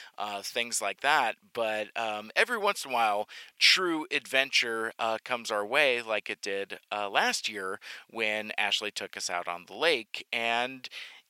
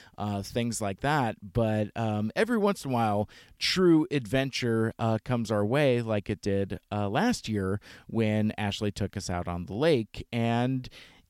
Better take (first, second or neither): second